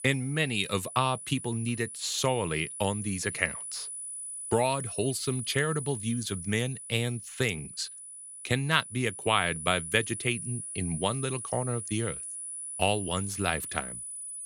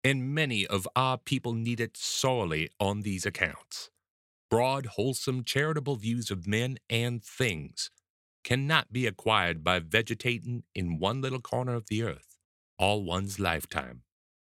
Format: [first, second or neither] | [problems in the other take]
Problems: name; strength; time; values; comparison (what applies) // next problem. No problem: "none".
second | high-pitched whine; loud; throughout; 10 kHz, 7 dB below the speech